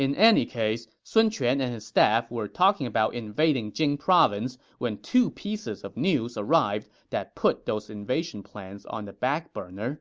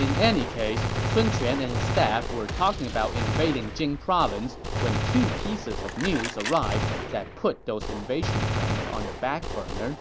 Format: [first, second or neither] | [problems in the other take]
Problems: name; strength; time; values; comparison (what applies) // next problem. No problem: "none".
first | background sound (Gunshot, gunfire); 1 dB below the speech